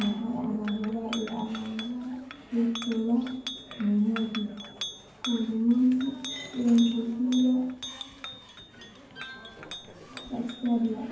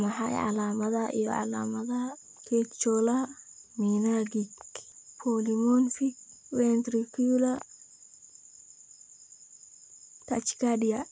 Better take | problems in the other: second | background sound (Chink, clink); 13 dB below the speech // room echo; dies away in 0.9 s

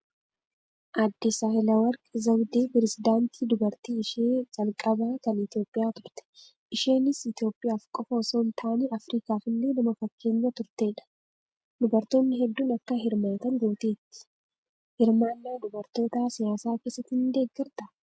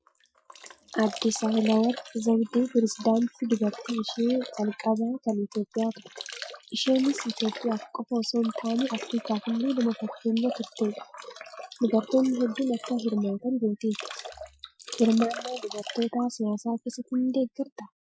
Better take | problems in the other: first | noise reduction (classical method Wiener filter)

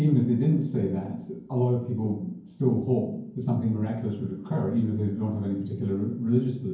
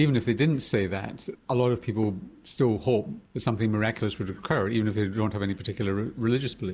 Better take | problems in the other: second | room echo; dies away in 0.9 s

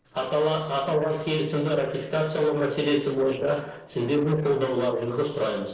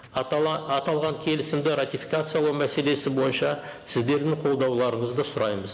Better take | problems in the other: second | noise reduction (neural separator model SepFormer DNS4)

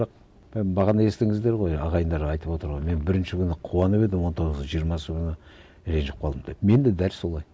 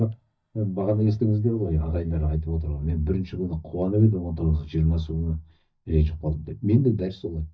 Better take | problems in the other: first | noise reduction (neural mask model DeepFilterNet 3)

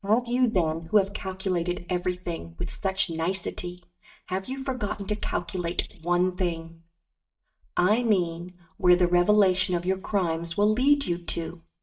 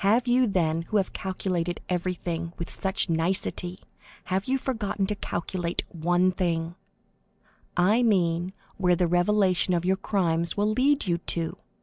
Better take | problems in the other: second | noise reduction (neural mask model DeepFilterNet 3)

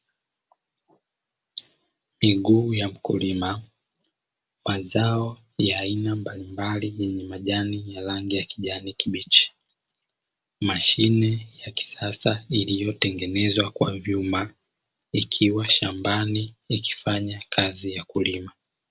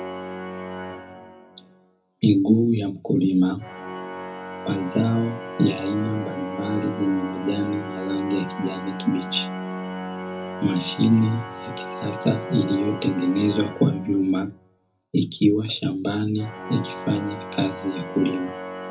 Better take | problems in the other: first | background sound (Organ); 10 dB below the speech // room echo; dies away in 0.3 s

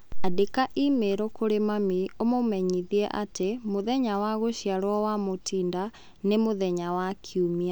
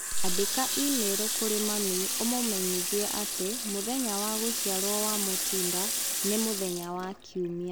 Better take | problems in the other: first | background sound (Water tap, faucet); as loud as the speech

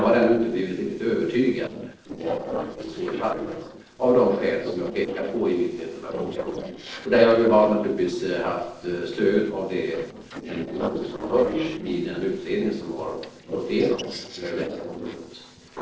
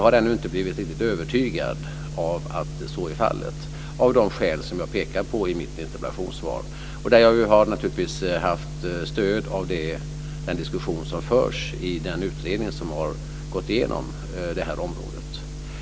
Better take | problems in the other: second | noise reduction (neural separator model SepFormer DNS4)

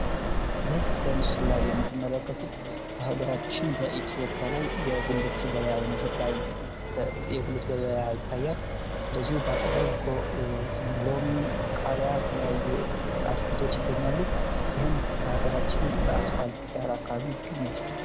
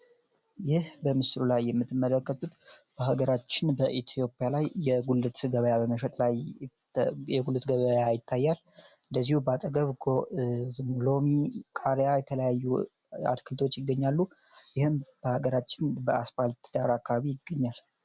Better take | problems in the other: second | background sound (Accelerating, revving, vroom); 3 dB above the speech

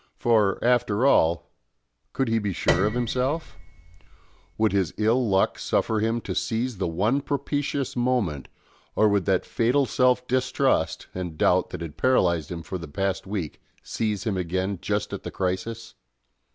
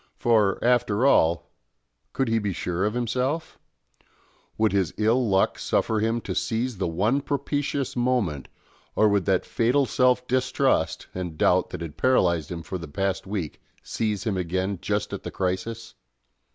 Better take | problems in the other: second | background sound (Piano); 6 dB below the speech

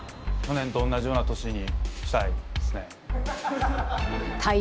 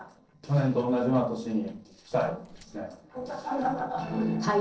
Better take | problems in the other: first | noise reduction (neural separator model SepFormer DNS4)

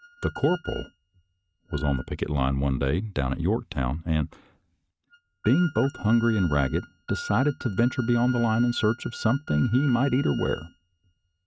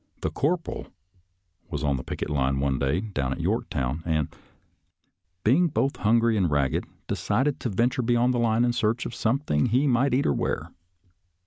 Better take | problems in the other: second | noise reduction (neural mask model RNNoise)

